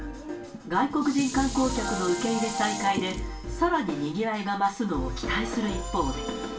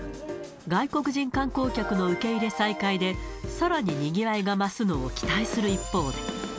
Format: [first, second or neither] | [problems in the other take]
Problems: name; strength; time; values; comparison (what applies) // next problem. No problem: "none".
second | background sound (Dishes, pots, and pans); 13 dB below the speech // room echo; dies away in 0.3 s